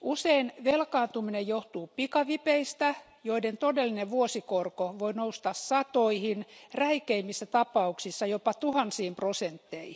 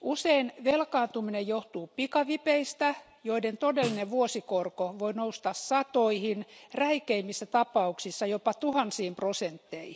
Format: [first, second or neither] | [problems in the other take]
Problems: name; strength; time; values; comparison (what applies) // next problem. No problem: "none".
first | background sound (Snare drum); 14 dB below the speech